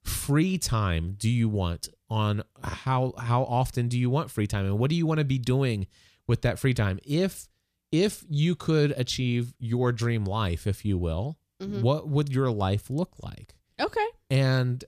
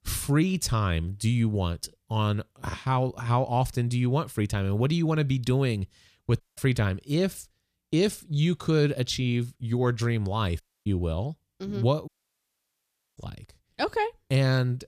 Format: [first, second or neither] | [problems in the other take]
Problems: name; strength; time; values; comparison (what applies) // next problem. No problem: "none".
first | audio cutting out; at 6.5 s, at 11 s and at 12 s for 1 s